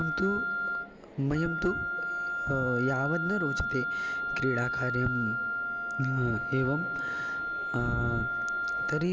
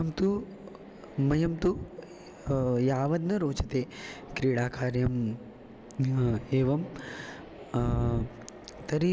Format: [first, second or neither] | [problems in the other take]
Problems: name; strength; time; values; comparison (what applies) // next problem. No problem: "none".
second | background sound (Wind instrument, woodwind instrument); as loud as the speech